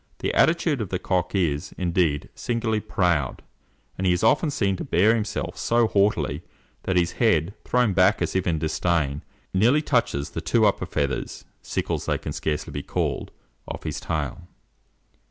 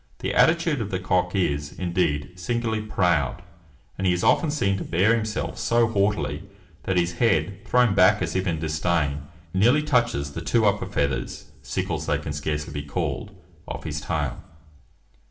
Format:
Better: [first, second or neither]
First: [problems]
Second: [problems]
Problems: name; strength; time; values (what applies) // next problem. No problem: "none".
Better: first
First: none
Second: room echo; dies away in 0.7 s